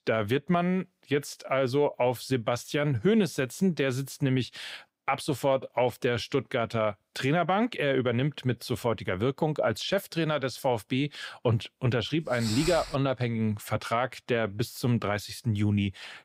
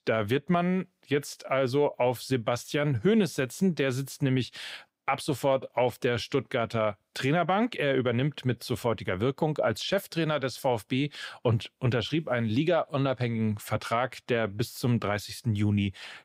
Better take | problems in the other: second | footsteps; noticeable; at 12 s; peak 5 dB below the speech

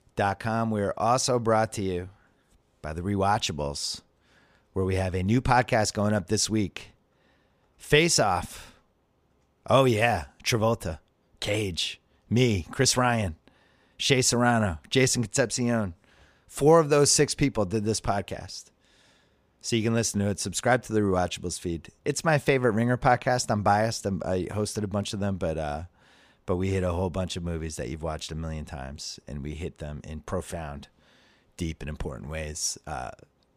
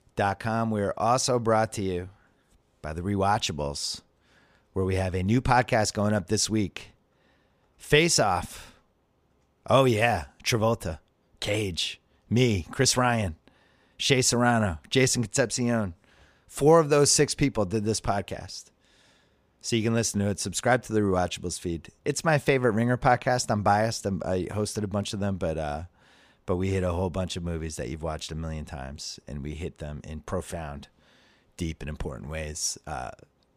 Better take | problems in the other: neither | none

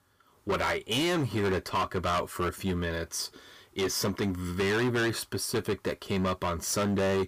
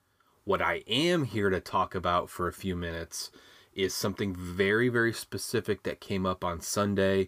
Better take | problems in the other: second | distortion; heavy; 17% of the sound clipped

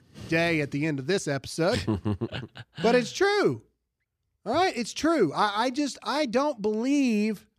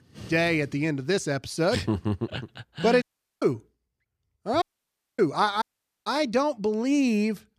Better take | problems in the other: first | audio cutting out; at 3 s, at 4.5 s for 0.5 s and at 5.5 s

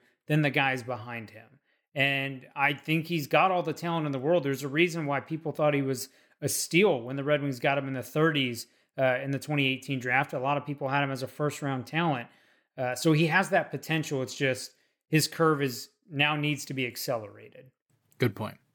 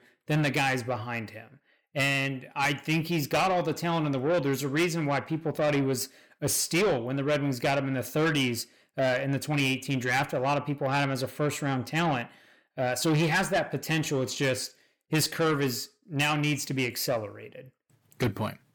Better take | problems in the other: first | distortion; heavy; 8 dB below the speech

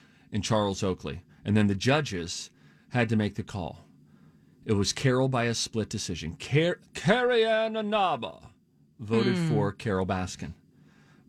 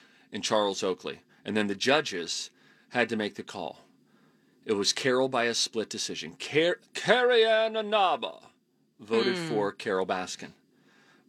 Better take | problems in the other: first | thin; somewhat; fading below 350 Hz

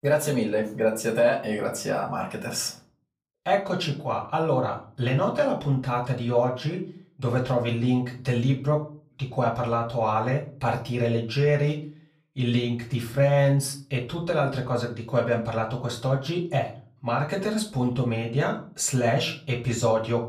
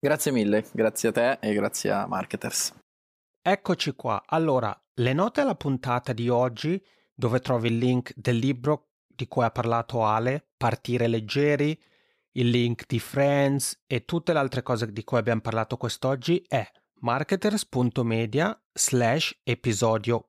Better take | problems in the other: second | room echo; slight; dies away in 0.4 s // off-mic speech; far

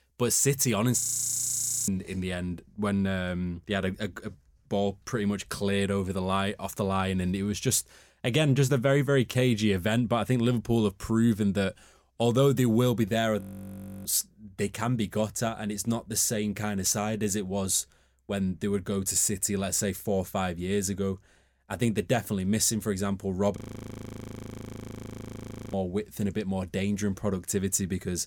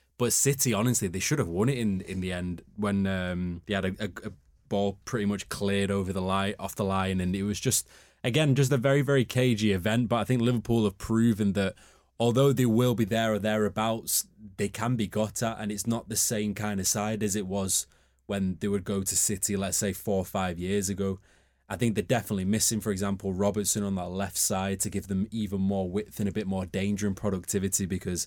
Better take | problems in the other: second | audio freezing; at 1 s for 1 s, at 13 s for 0.5 s and at 24 s for 2 s

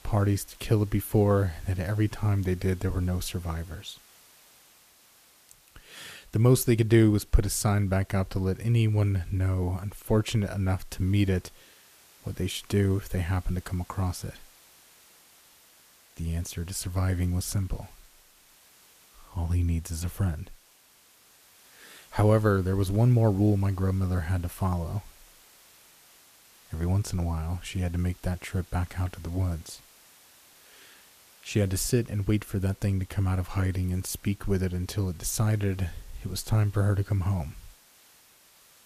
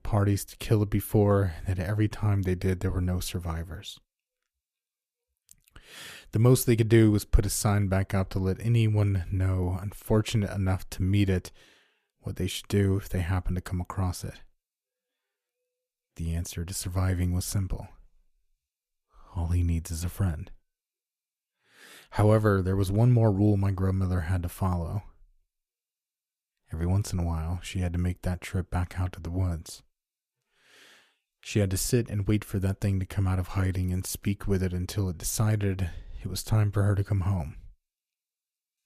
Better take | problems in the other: second | hiss; faint; throughout; 25 dB below the speech

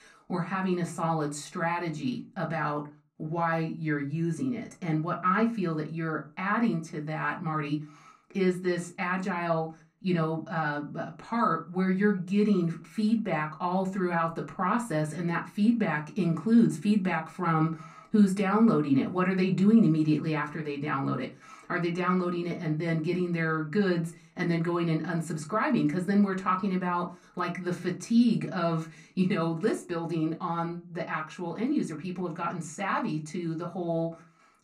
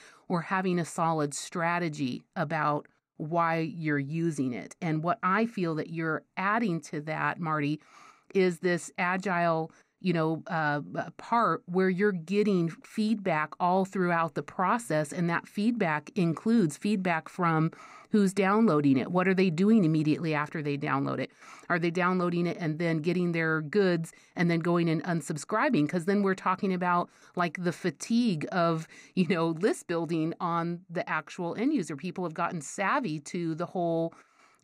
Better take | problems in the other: second | off-mic speech; far // room echo; very slight; dies away in 0.2 s

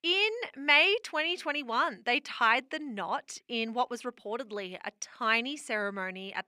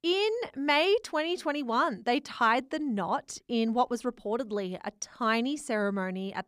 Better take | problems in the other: second | thin; very slightly; fading below 700 Hz

